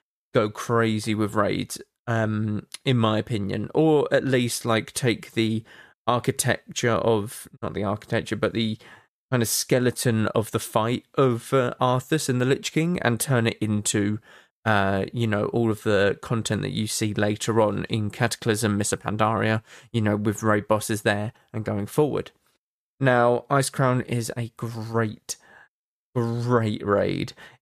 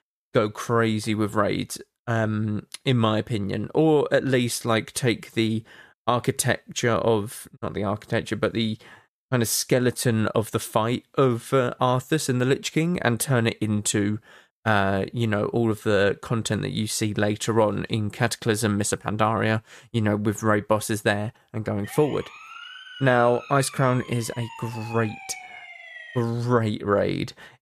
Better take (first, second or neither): first